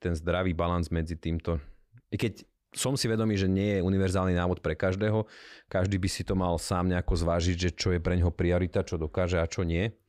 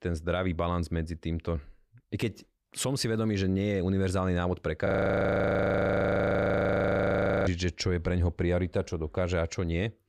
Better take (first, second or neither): first